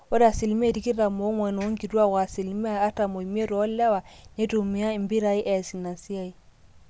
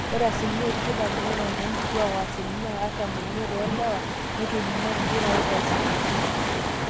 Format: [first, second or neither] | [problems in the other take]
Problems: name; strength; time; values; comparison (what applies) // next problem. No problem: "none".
first | background sound (Waves, surf); 3 dB above the speech